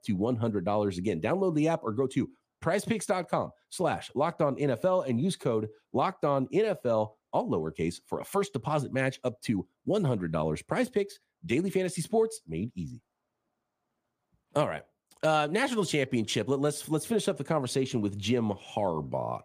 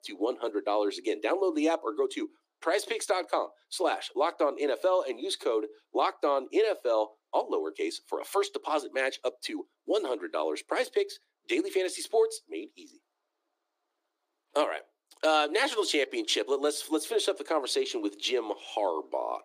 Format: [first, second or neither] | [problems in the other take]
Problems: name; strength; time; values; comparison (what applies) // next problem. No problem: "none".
first | thin; very; fading below 300 Hz